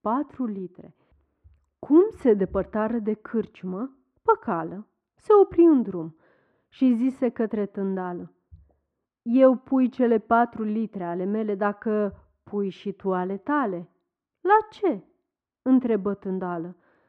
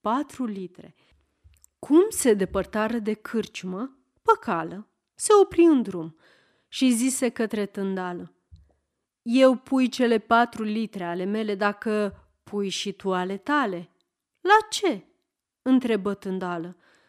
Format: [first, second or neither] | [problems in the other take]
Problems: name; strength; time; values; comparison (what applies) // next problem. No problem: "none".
second | muffled; very; fading above 3.5 kHz